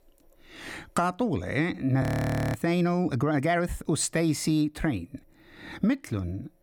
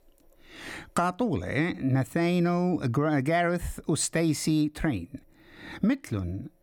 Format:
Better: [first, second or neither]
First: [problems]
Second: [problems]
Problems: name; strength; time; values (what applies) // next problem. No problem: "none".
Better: second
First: audio freezing; at 2 s for 0.5 s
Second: none